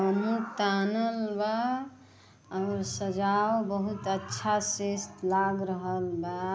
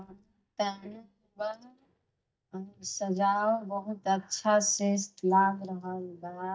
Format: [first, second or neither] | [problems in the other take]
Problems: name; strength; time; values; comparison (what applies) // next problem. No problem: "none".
first | noise reduction (neural mask model DeepFilterNet 3)